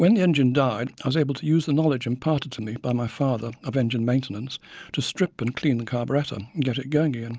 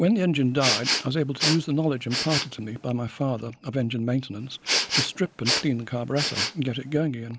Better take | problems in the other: first | background sound (Respiratory sounds); 3 dB below the speech

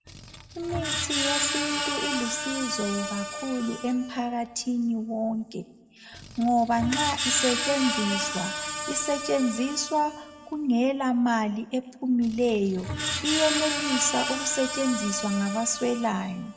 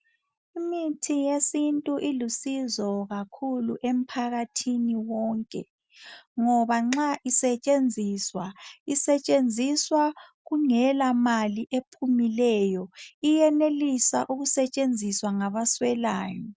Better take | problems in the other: second | background sound (Screech); 5 dB below the speech // room echo; dies away in 0.9 s

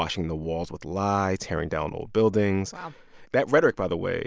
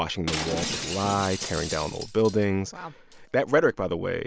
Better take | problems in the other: first | background sound (Shatter); 9 dB below the speech

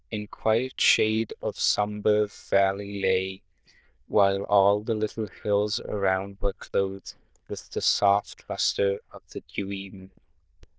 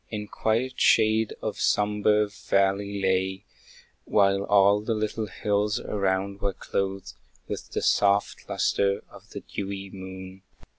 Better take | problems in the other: second | noise reduction (neural diffusion model UNIVERSE++)

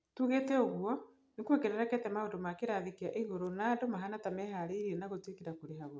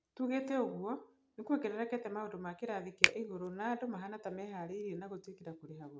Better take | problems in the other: first | background sound (Finger snapping); 1 dB above the speech

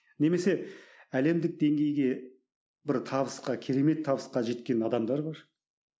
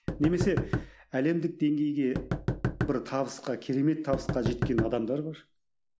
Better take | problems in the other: first | background sound (Knock); 4 dB below the speech

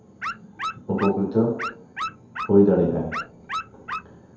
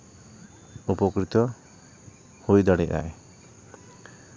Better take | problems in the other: second | background sound (Dog); 10 dB below the speech // room echo; dies away in 0.8 s

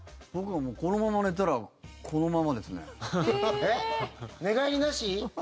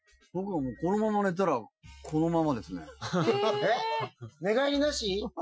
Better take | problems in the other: first | noise reduction (classical method Wiener filter)

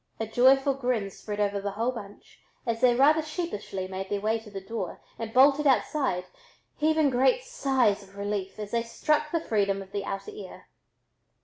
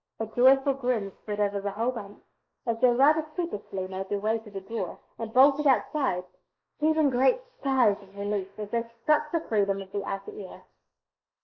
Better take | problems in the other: first | noise reduction (neural mask model Resemble Enhance denoiser)

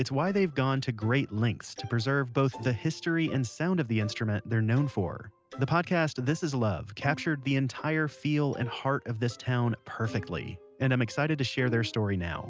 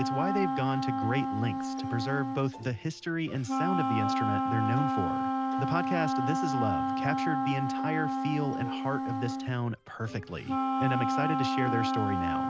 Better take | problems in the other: first | background sound (Wind instrument, woodwind instrument); 2 dB above the speech

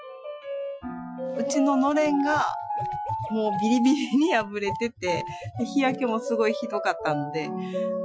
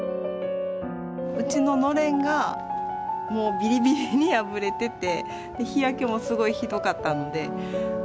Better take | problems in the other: second | noise reduction (classical method Wiener filter)

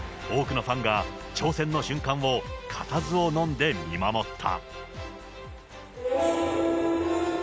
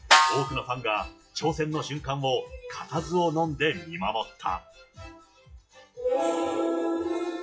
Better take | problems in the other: first | noise reduction (classical method WPE with log-MMSE)

